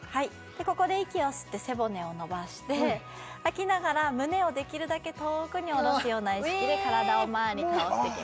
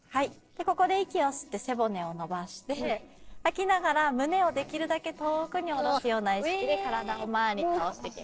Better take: first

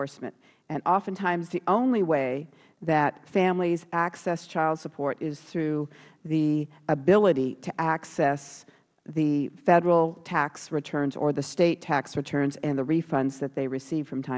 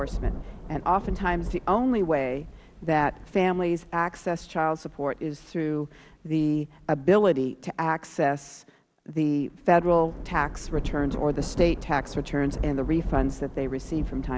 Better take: first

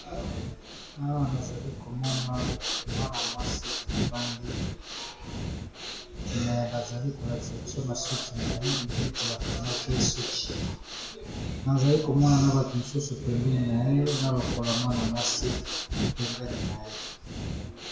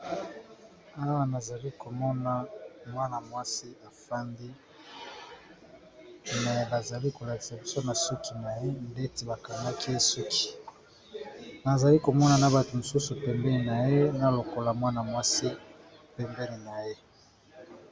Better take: second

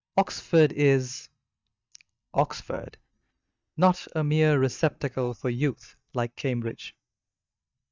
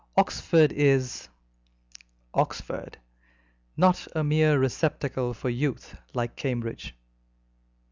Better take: second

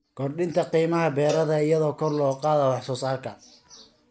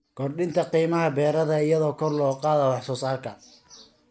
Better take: second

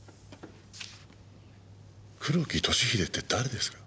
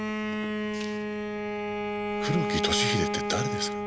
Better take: first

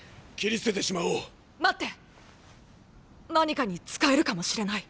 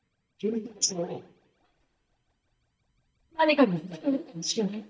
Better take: first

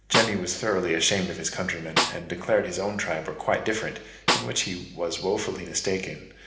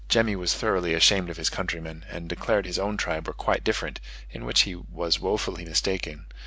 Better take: second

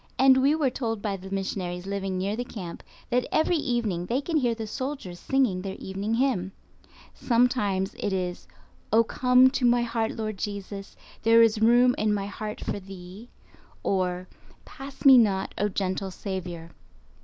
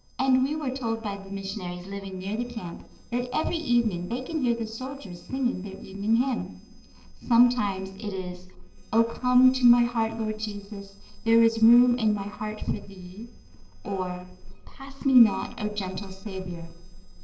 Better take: first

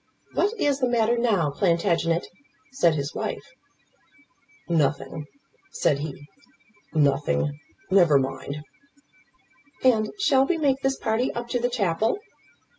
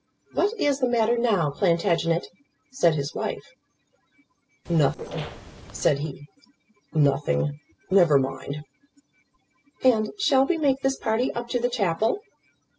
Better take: first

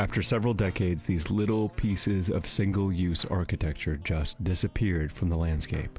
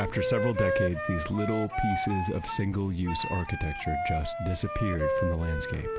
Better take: first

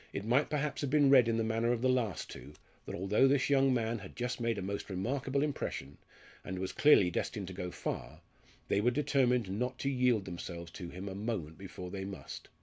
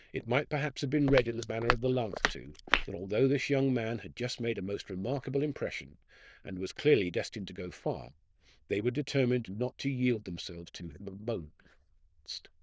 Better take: first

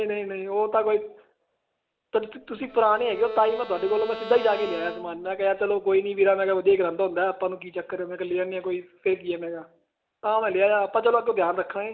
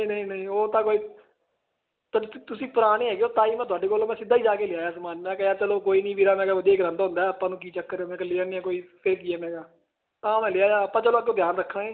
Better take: second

